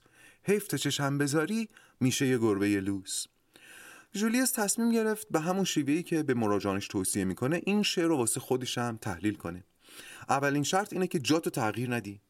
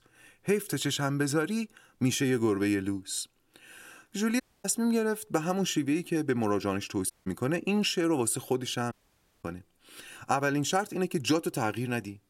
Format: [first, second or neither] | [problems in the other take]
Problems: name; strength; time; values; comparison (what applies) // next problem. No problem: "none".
first | audio cutting out; at 4.5 s, at 7 s and at 9 s for 0.5 s